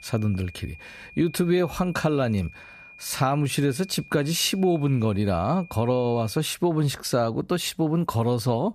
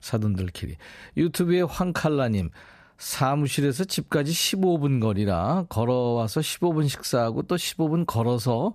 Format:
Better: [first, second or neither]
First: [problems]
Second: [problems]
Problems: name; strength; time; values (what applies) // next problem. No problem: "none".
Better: second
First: high-pitched whine; faint; until 6.5 s; 2.5 kHz, 20 dB below the speech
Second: none